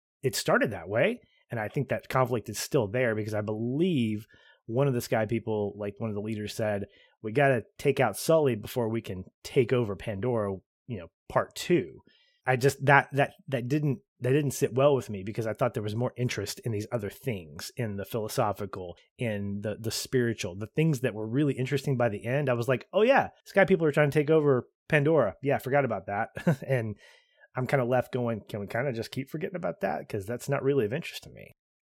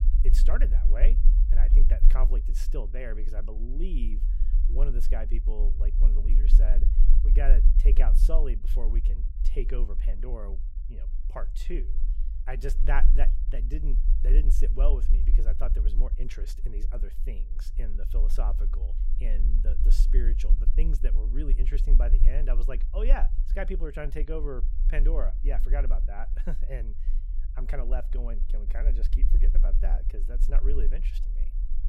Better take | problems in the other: first | low rumble; noticeable; throughout; 10 dB below the speech

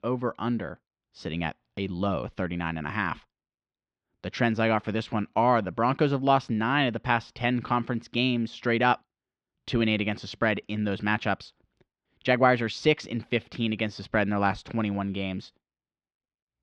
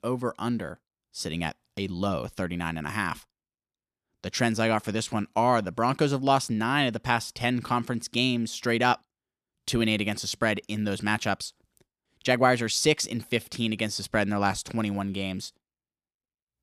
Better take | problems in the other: second | muffled; slightly; fading above 3.5 kHz

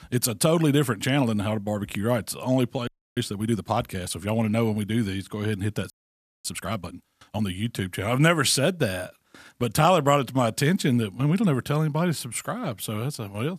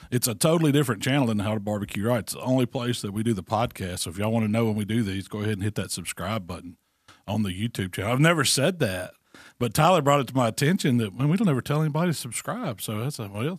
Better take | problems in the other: second | audio freezing; at 3 s and at 6 s for 0.5 s

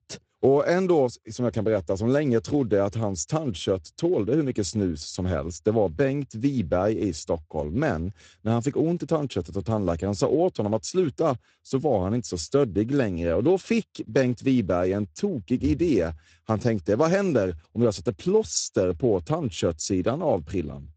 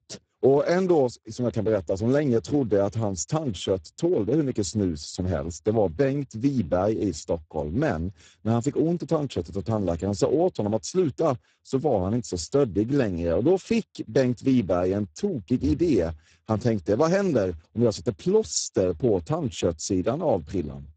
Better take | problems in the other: first | garbled, watery; badly; nothing above 7.5 kHz; slightly in the first

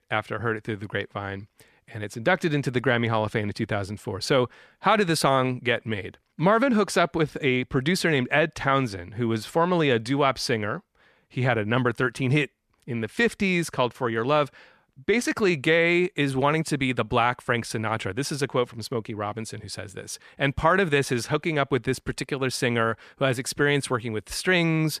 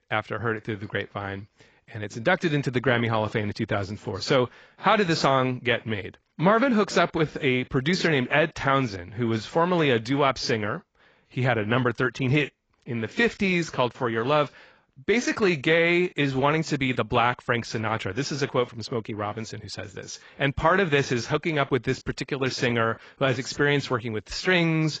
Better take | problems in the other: first | garbled, watery; badly; nothing above 7.5 kHz

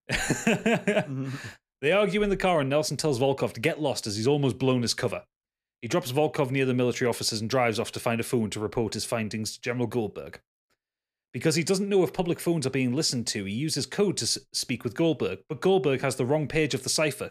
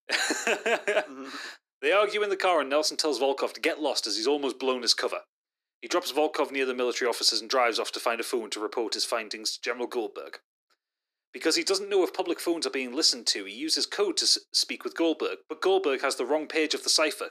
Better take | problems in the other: first | thin; somewhat; fading below 300 Hz

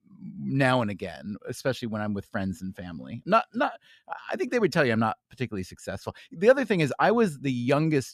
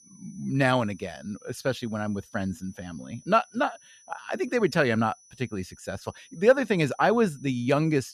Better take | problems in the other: first | high-pitched whine; faint; throughout; 6 kHz, 25 dB below the speech

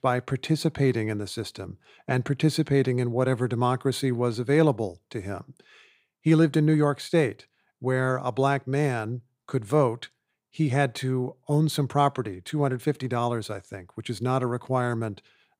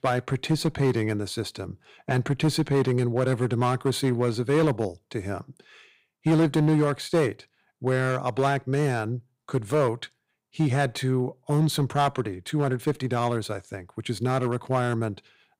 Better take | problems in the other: first | distortion; slight; 5% of the sound clipped

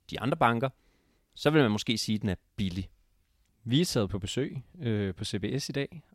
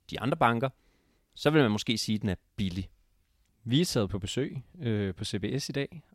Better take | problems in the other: neither | none

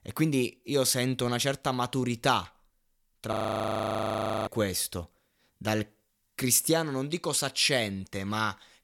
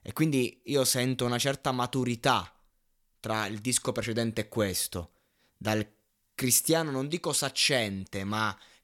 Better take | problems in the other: second | audio freezing; at 3.5 s for 1 s

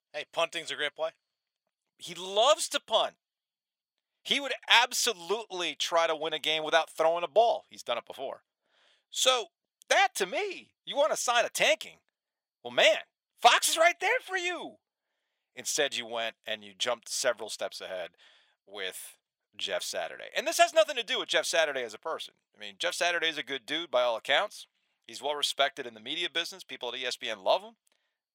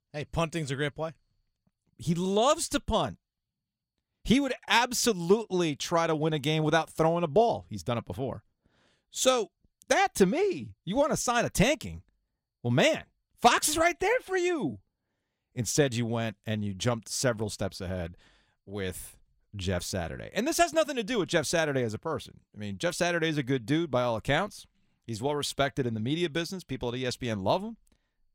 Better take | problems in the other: second | thin; very; fading below 600 Hz

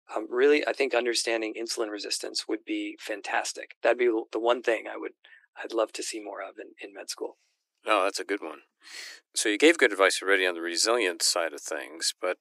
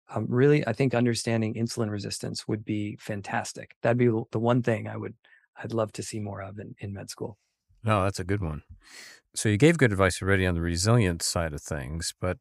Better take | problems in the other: second | thin; very; fading below 300 Hz

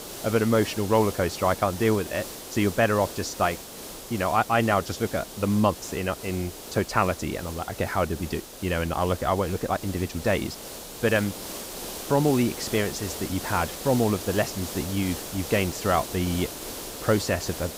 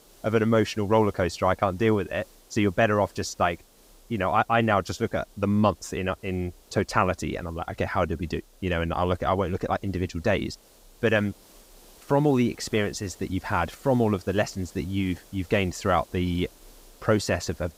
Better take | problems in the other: second | hiss; loud; throughout; 10 dB below the speech; faint in the second

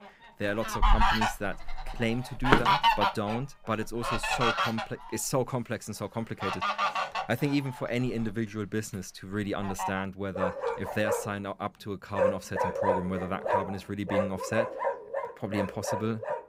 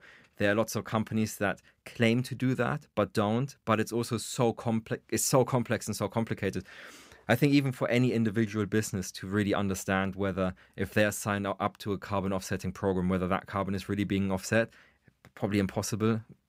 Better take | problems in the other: second | animal sounds; very loud; throughout; 3 dB above the speech

